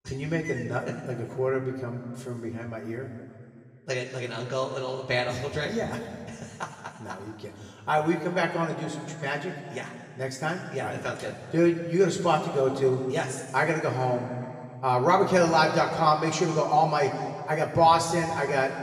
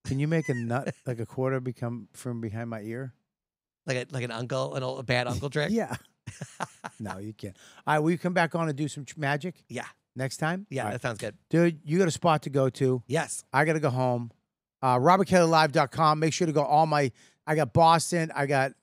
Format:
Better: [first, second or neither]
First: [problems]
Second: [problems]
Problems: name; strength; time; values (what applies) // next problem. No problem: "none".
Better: second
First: room echo; noticeable; dies away in 2.2 s // off-mic speech; somewhat distant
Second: none